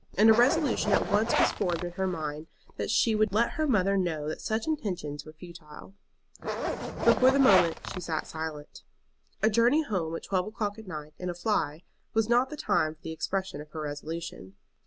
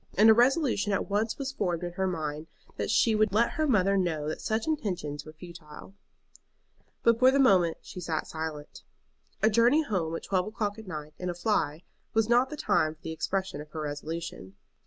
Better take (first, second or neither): second